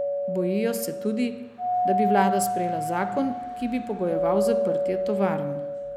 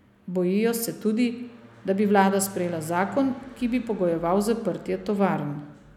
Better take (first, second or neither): second